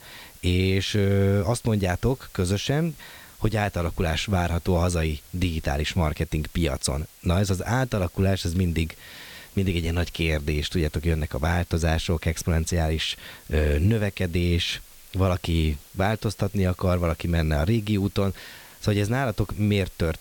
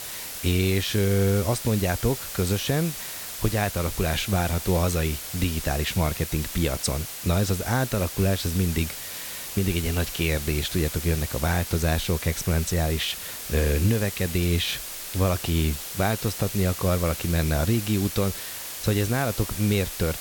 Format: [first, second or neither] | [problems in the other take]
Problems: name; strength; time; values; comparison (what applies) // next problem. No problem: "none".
first | hiss; loud; throughout; 7 dB below the speech; faint in the first